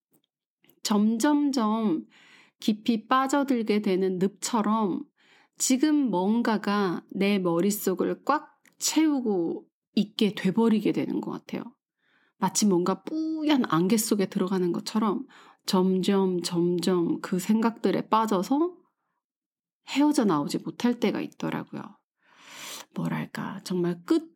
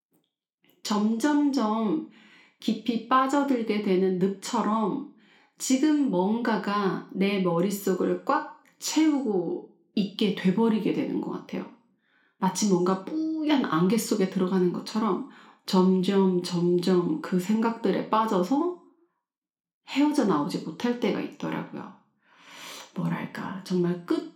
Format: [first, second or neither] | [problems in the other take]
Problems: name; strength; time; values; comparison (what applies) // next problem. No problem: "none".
first | room echo; very slight; dies away in 0.4 s